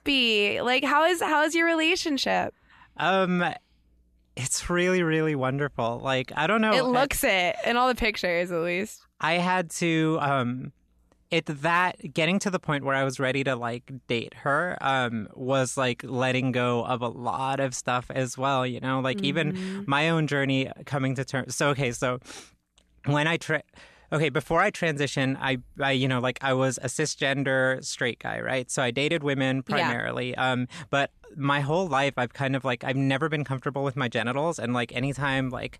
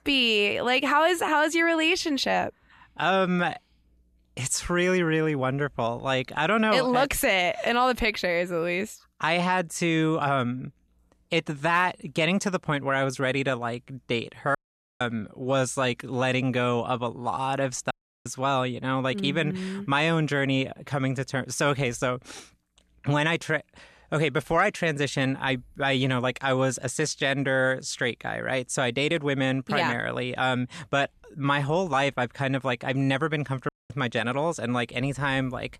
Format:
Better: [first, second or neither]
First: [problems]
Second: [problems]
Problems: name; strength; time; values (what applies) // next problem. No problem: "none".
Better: first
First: none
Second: audio cutting out; at 15 s, at 18 s and at 34 s